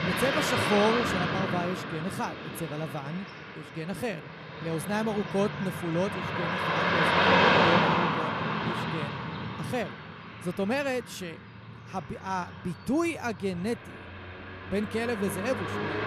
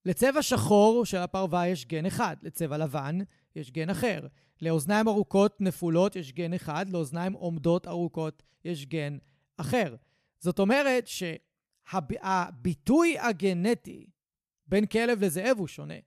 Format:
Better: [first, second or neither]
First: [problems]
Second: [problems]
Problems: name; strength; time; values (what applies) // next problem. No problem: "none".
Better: second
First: traffic noise; very loud; throughout; 5 dB above the speech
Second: none